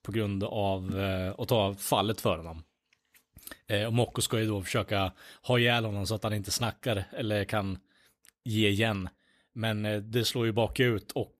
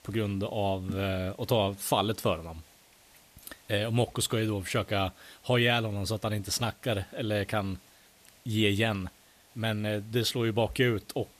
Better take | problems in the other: first | hiss; faint; throughout; 30 dB below the speech

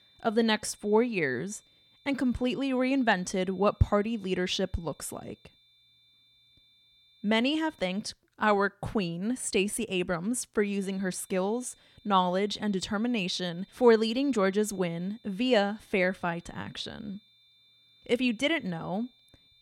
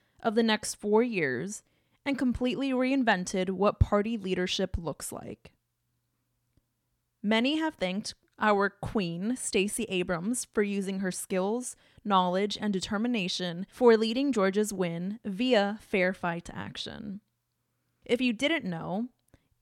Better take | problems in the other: second | high-pitched whine; faint; until 8 s and from 11 s on; 3.5 kHz, 30 dB below the speech

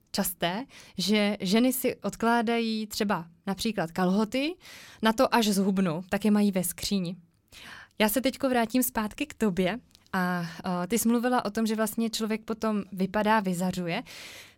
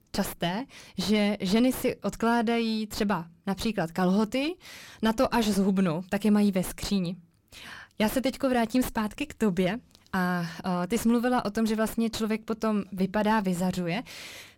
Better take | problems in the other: first | distortion; slight; 8 dB below the speech

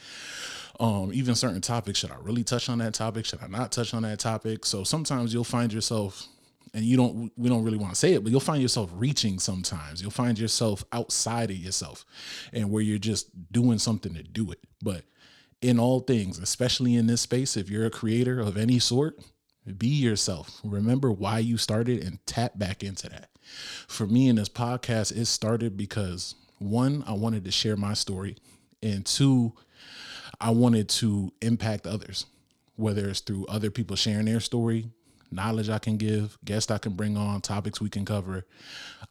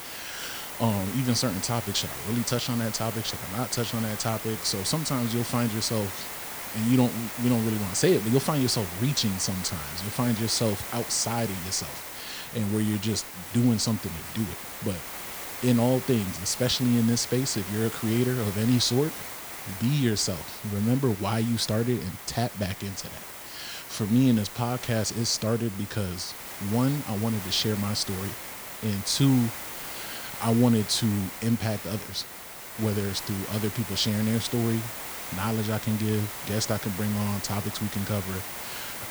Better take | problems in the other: first | hiss; loud; throughout; 8 dB below the speech

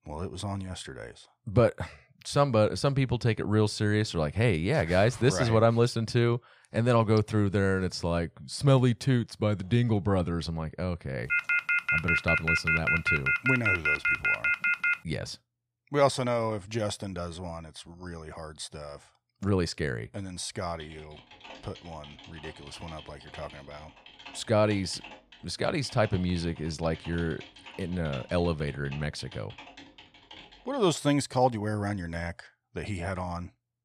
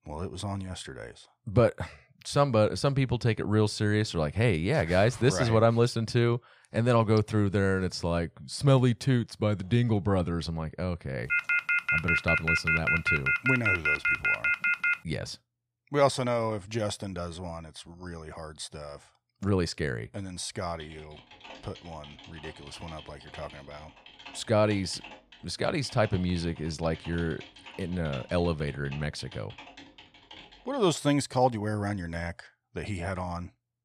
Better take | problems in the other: neither | phone ringing; loud; from 11 to 15 s; peak 4 dB above the speech; the same in both // keyboard typing; faint; from 21 to 31 s; peak 15 dB below the speech; the same in both

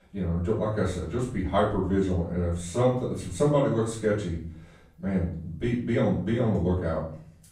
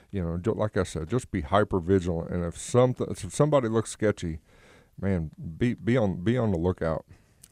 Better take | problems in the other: second | room echo; noticeable; dies away in 0.5 s // off-mic speech; far

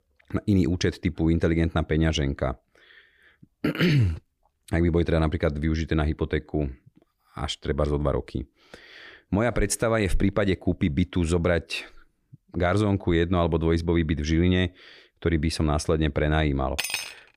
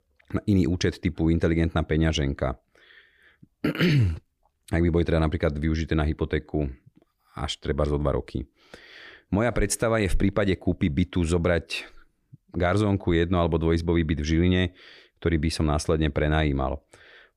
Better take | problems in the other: second | clattering dishes; noticeable; at 17 s; peak 3 dB below the speech

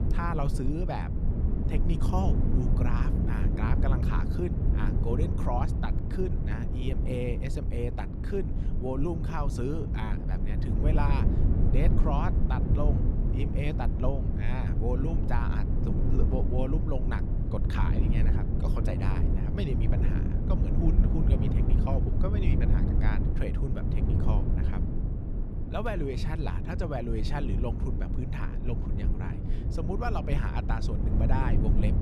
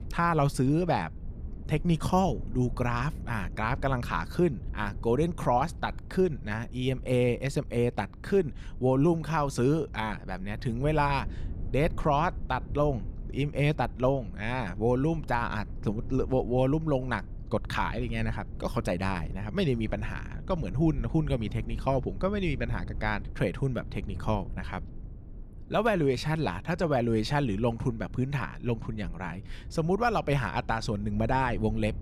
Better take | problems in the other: second | low rumble; loud; throughout; 3 dB below the speech; faint in the second

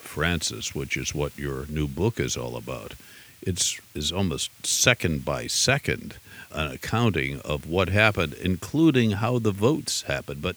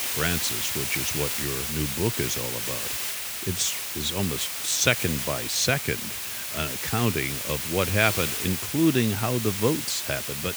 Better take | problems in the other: first | hiss; loud; throughout; 1 dB below the speech; faint in the first

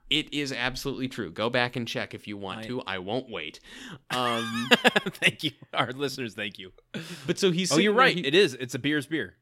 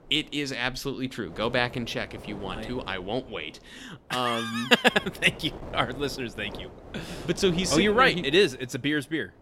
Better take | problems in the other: first | wind noise on the microphone; occasional gusts; 20 dB below the speech

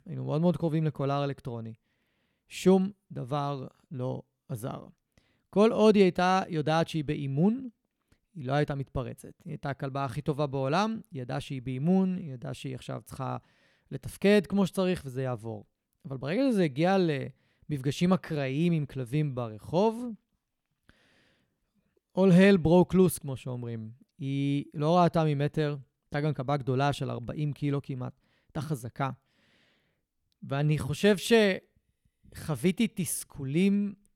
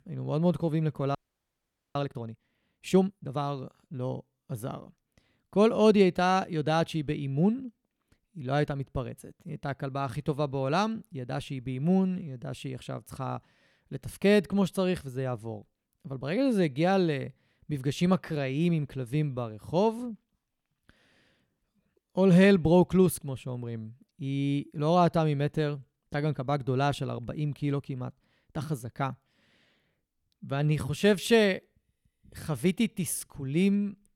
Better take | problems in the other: first | audio freezing; at 1 s for 1 s

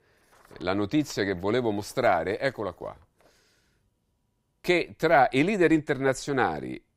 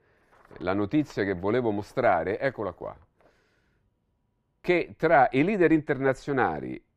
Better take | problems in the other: first | muffled; slightly; fading above 3.5 kHz

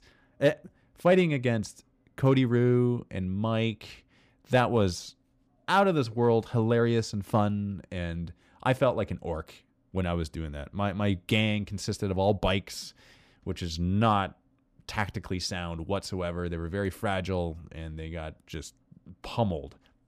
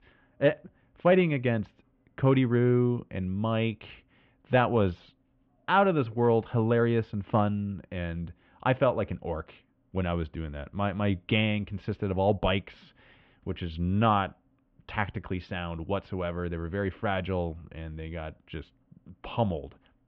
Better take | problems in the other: first | muffled; very; fading above 3 kHz

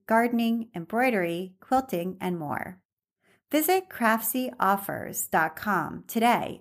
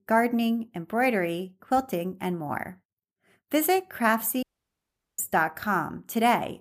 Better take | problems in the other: first | audio cutting out; at 4.5 s for 1 s

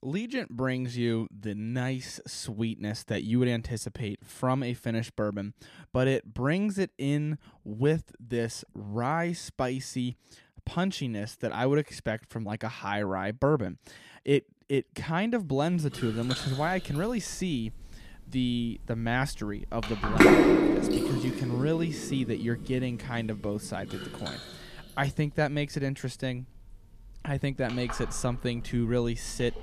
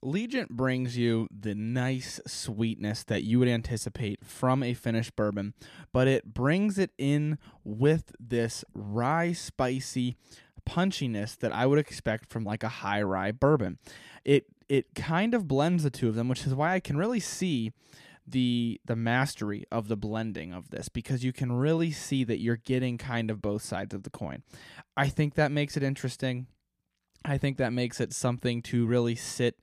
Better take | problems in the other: second | household noises; very loud; from 16 s on; 3 dB above the speech

